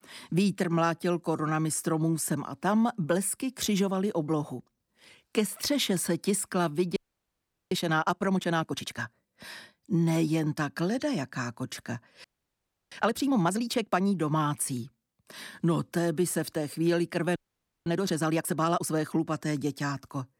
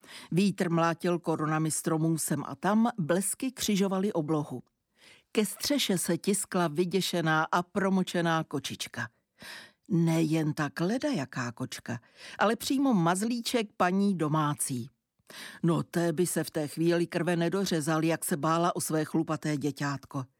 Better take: second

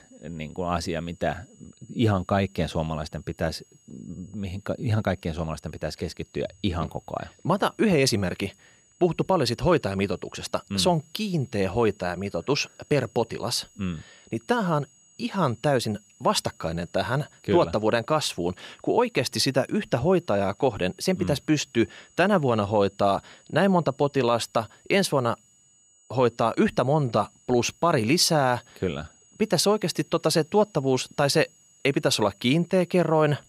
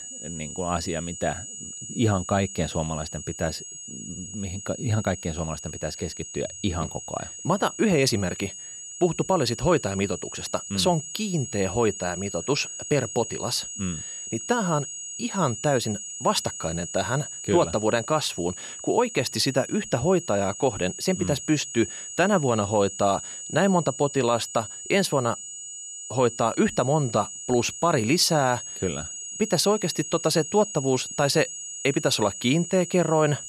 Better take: first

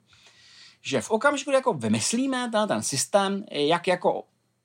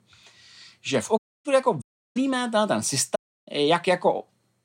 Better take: first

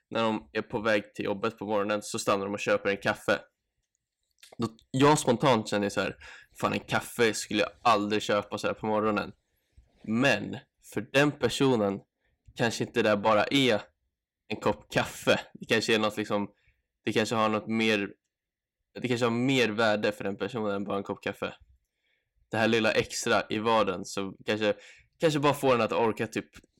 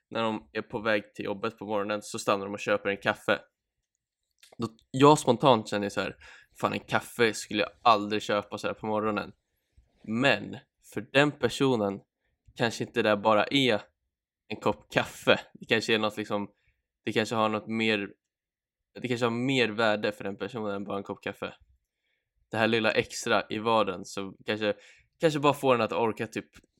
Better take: second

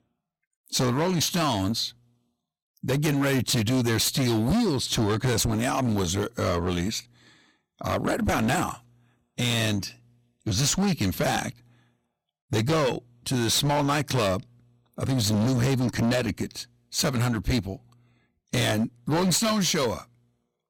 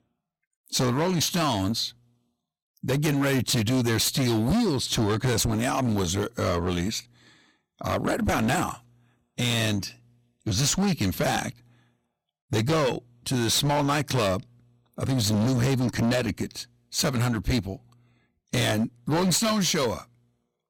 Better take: neither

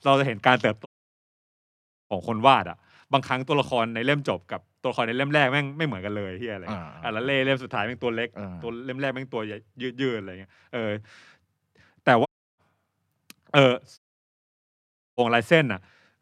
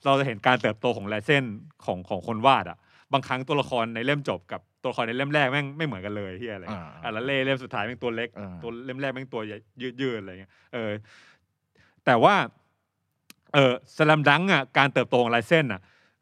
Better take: second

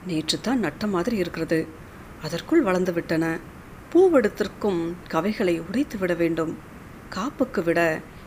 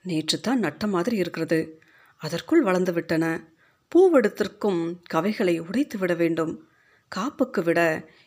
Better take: second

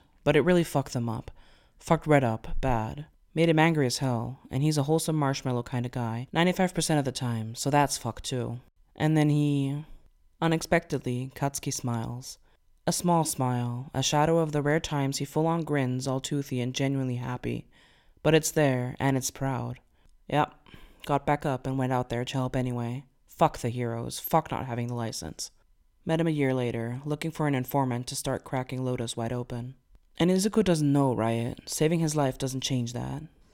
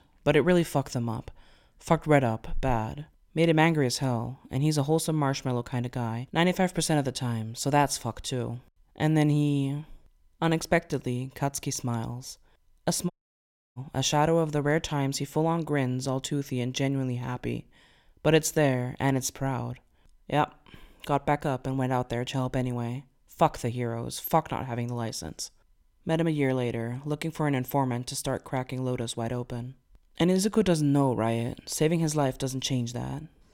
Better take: first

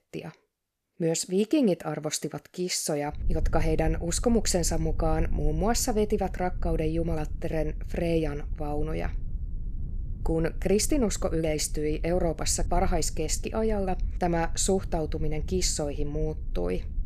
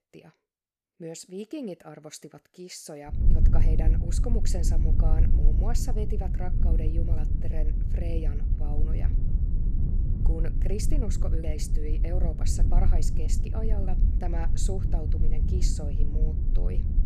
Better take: first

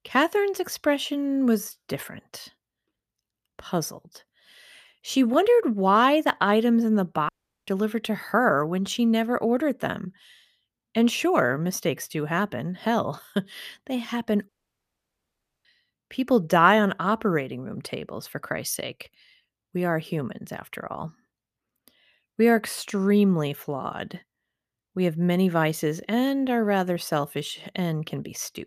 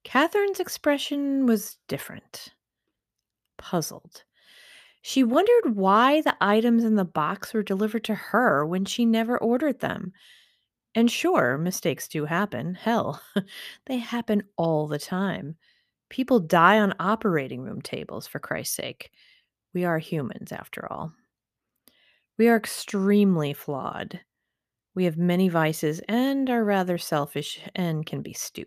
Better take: second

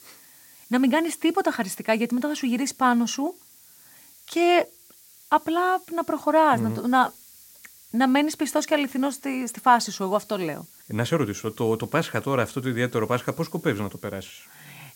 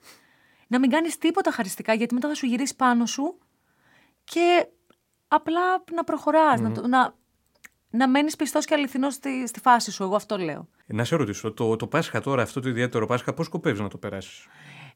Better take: second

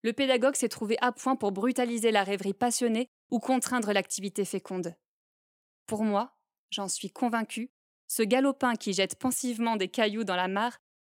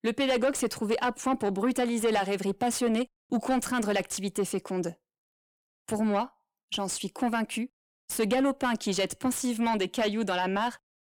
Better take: first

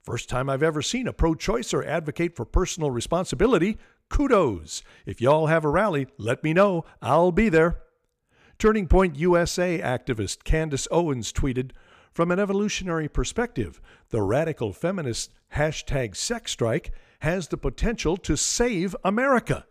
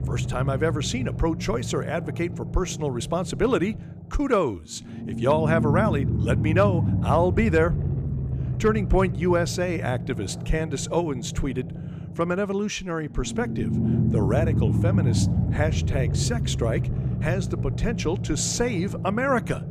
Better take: first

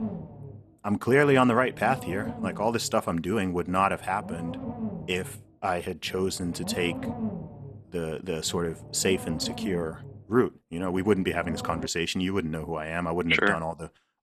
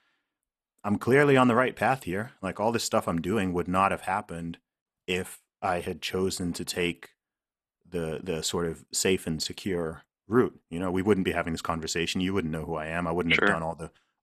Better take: second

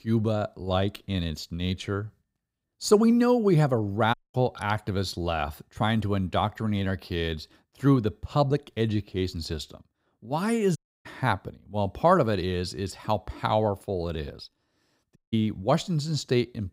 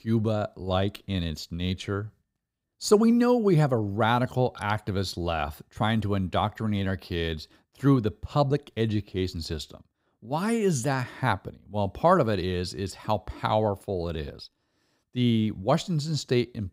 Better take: second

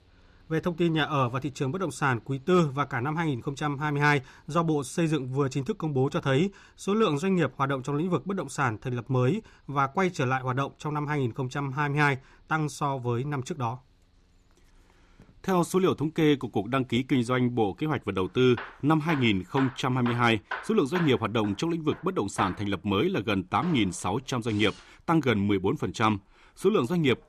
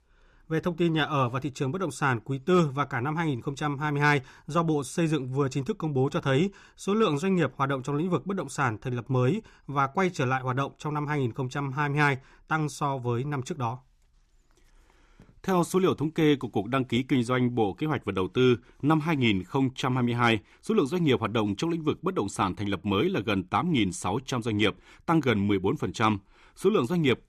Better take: second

